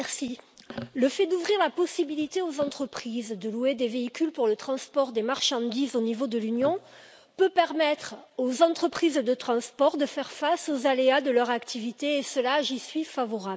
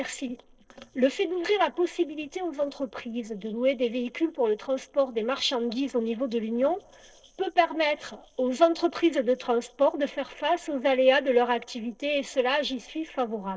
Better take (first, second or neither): first